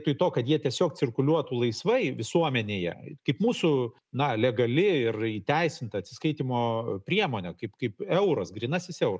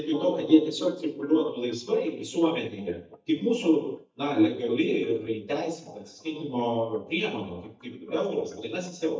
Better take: first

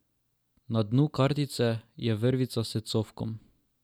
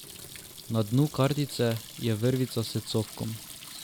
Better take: first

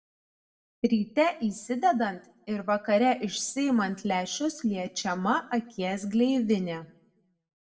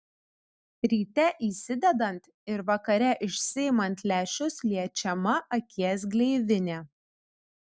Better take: second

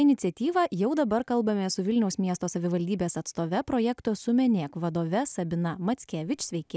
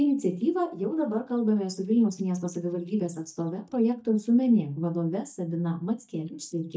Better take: first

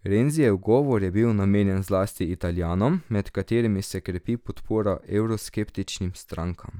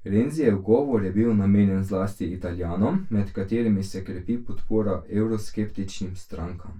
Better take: first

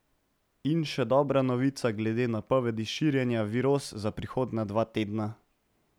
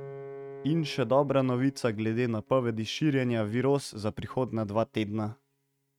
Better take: first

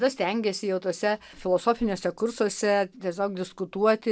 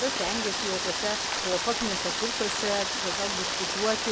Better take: first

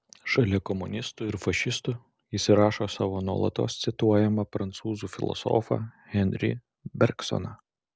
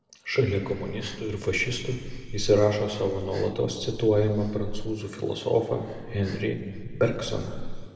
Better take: first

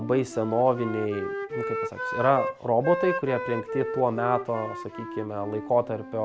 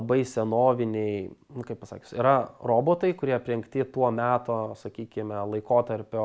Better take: second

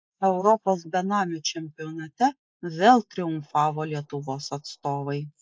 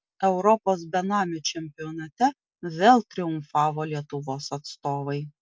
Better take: second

